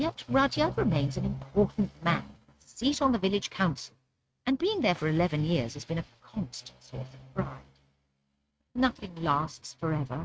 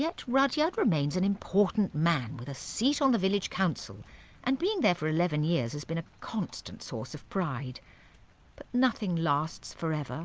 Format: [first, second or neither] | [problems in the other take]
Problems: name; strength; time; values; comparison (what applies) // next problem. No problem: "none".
second | noise reduction (neural mask model RNNoise)